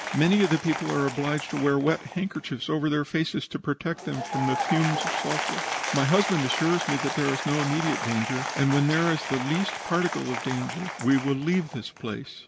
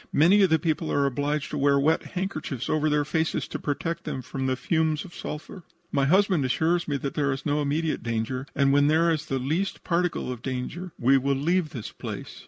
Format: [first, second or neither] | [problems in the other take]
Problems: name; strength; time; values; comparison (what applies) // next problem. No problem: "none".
second | background sound (Applause / Crowd); 6 dB below the speech